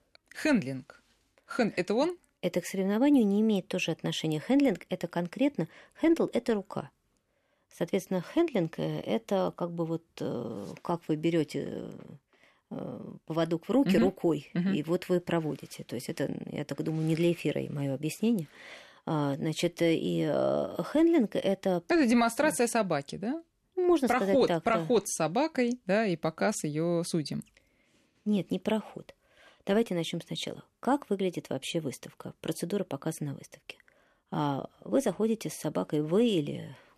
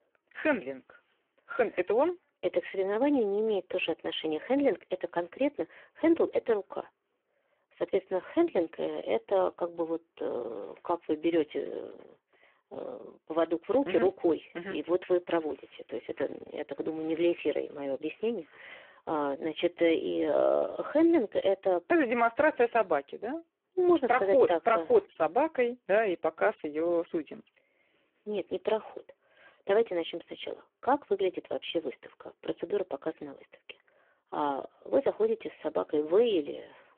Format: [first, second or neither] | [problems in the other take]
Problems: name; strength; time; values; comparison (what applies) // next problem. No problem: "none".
first | phone-call audio; poor line